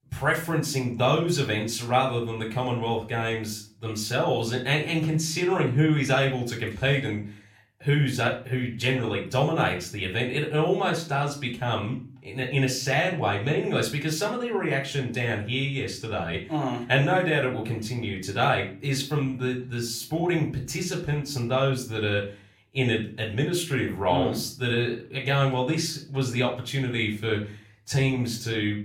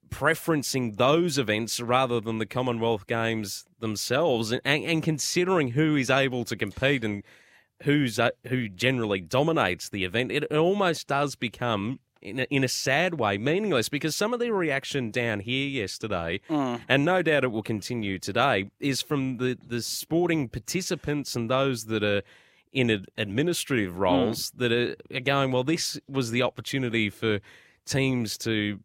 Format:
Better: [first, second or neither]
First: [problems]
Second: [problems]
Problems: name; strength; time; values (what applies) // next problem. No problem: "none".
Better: second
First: off-mic speech; somewhat distant // room echo; slight; dies away in 0.3 s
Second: none